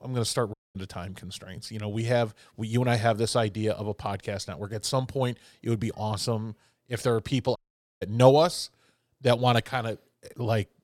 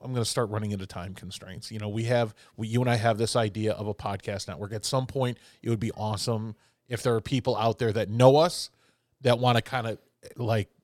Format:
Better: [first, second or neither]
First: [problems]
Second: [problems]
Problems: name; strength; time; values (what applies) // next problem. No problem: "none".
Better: second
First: audio cutting out; at 0.5 s and at 7.5 s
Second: none